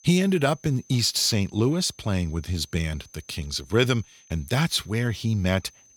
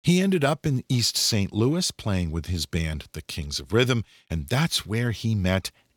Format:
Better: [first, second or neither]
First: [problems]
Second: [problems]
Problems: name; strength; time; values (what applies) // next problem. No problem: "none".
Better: second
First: high-pitched whine; faint; throughout; 6 kHz, 30 dB below the speech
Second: none